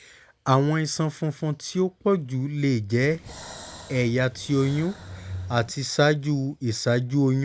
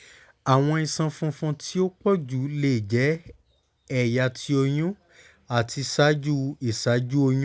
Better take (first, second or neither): second